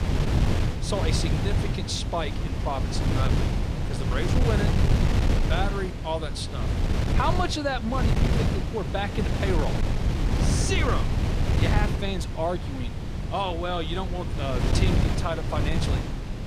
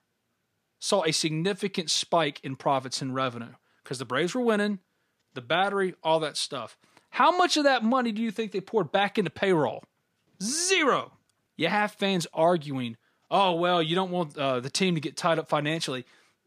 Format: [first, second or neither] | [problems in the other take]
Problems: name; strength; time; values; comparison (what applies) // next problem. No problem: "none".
second | wind noise on the microphone; heavy; 3 dB below the speech